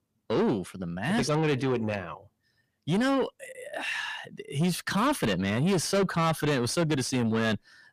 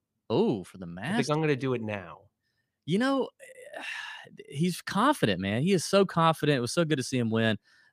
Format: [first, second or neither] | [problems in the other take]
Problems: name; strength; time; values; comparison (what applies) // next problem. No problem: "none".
second | distortion; heavy; 7 dB below the speech